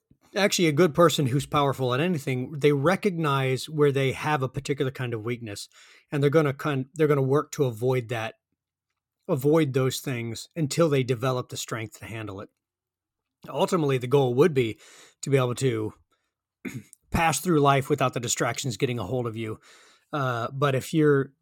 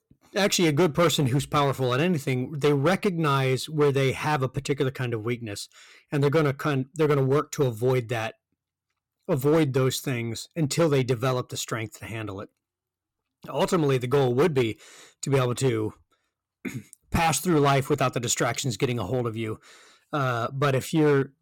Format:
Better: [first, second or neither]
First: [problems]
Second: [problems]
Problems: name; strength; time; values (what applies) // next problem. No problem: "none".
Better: first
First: none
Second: distortion; slight; 5% of the sound clipped